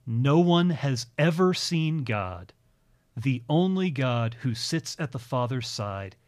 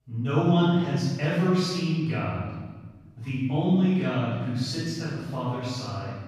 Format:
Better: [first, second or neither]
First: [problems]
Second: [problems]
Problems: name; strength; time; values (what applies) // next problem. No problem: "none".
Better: first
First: none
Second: room echo; strong; dies away in 1.4 s // off-mic speech; far